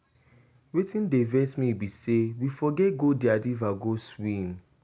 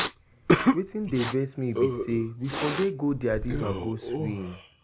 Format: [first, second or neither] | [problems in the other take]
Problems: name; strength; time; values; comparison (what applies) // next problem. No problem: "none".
first | background sound (Respiratory sounds); 1 dB above the speech